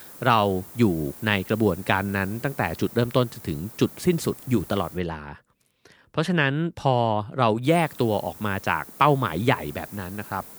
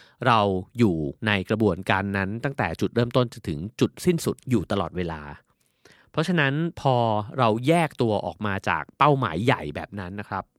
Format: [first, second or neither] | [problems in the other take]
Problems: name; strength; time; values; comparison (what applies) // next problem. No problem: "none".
second | hiss; noticeable; until 5 s and from 7.5 s on; 15 dB below the speech